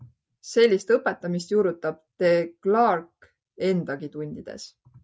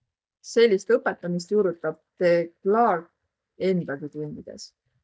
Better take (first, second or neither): first